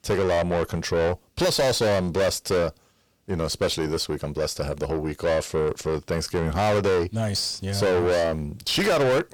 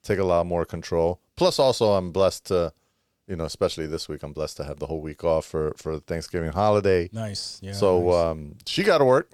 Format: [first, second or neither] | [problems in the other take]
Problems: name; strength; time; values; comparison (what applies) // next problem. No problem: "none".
second | distortion; heavy; 6 dB below the speech